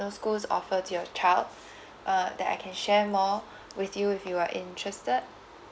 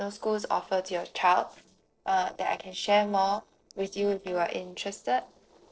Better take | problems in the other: first | noise reduction (neural separator model SepFormer DNS4)

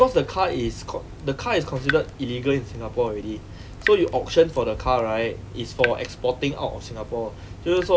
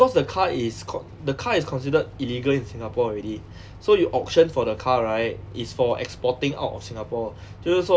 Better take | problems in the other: second | background sound (Drip / Water tap, faucet); 12 dB below the speech

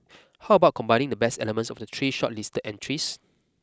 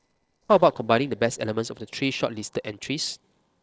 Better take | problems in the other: first | noise reduction (neural separator model SepFormer DNS4)

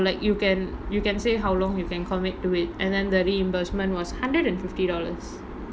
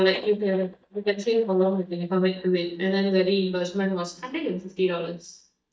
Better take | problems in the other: first | noise reduction (neural mask model DeepFilterNet 3)

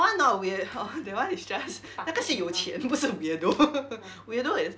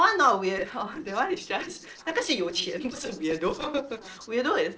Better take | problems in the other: first | noise reduction (neural separator model SepFormer DNS4)

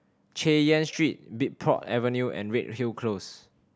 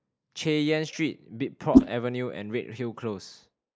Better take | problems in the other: first | noise reduction (neural mask model Resemble Enhance denoiser)

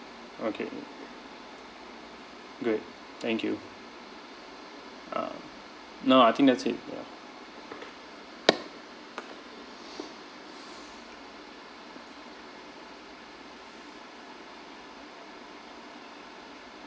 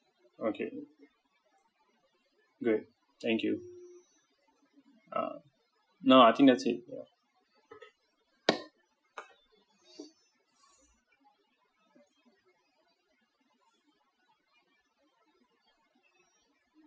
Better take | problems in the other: first | noise reduction (classical method Wiener filter)

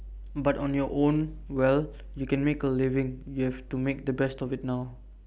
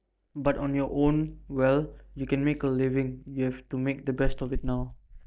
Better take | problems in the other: first | noise reduction (neural mask model DeepFilterNet 3)

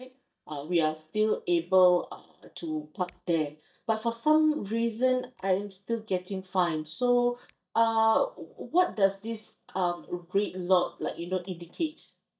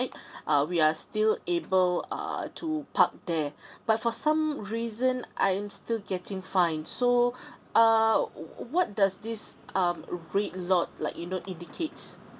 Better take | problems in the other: second | noise reduction (neural mask model DeepFilterNet 3)

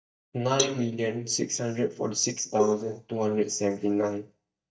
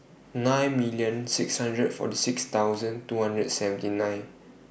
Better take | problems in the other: second | noise reduction (neural mask model DeepFilterNet 3)

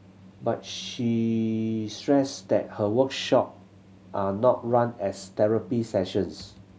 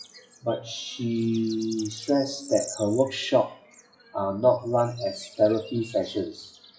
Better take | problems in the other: first | noise reduction (classical method WPE with log-MMSE)

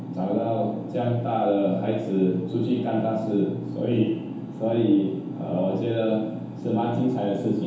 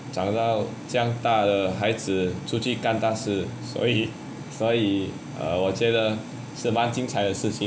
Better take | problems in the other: second | room echo; dies away in 0.8 s

